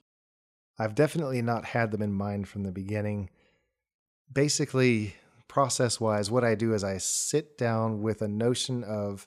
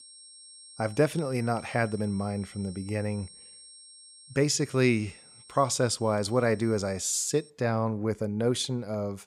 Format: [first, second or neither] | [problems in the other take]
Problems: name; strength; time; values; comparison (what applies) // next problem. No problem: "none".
first | high-pitched whine; noticeable; until 7.5 s; 8.5 kHz, 20 dB below the speech